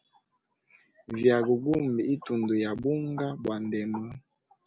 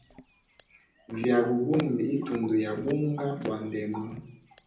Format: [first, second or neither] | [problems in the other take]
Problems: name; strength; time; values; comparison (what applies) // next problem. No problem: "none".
first | background sound (Walk, footsteps); 19 dB below the speech // room echo; dies away in 0.6 s